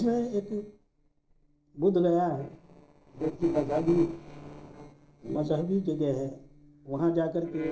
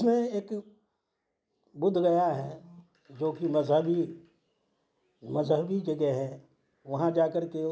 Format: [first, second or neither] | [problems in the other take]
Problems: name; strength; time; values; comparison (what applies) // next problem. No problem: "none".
second | noise reduction (neural separator model SepFormer DNS4)